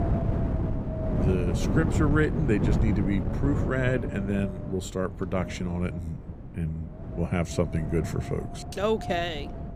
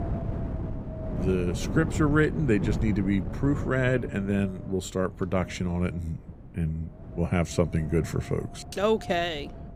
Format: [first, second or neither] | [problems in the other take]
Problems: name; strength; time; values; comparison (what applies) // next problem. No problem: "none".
second | wind noise on the microphone; heavy; 6 dB below the speech; occasional gusts in the second